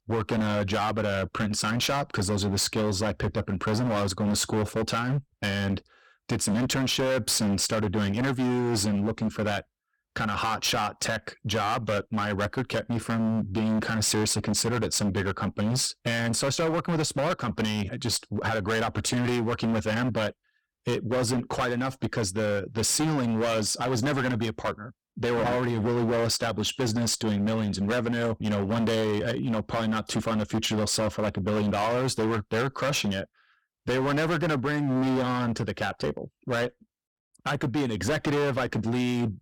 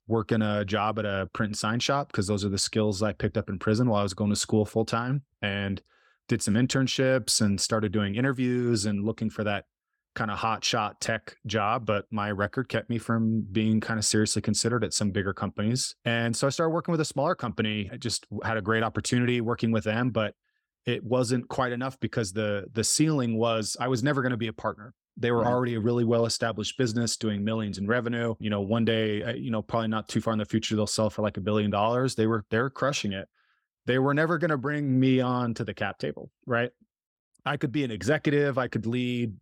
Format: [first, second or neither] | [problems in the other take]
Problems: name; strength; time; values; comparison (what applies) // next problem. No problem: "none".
second | distortion; heavy; 22% of the sound clipped